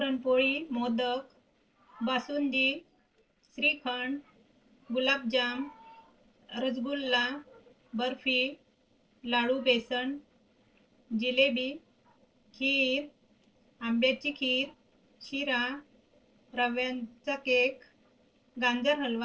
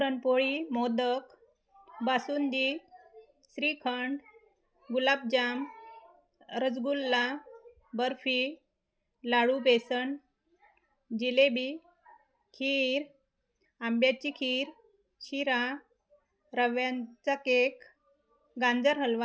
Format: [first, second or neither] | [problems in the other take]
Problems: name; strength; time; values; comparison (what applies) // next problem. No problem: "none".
second | noise reduction (neural separator model SepFormer DNS4)